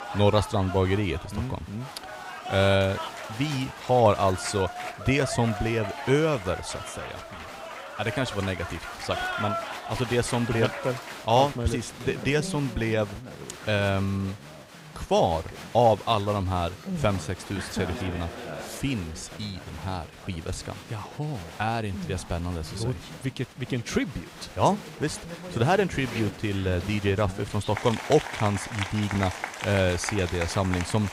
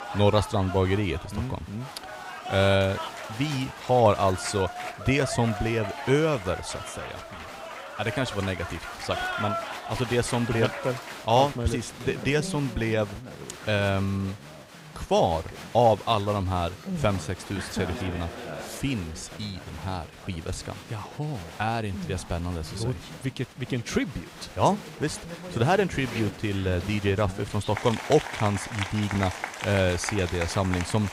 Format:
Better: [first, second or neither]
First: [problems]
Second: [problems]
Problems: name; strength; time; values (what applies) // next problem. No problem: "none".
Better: neither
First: crowd noise; loud; throughout; 10 dB below the speech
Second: crowd noise; loud; throughout; 10 dB below the speech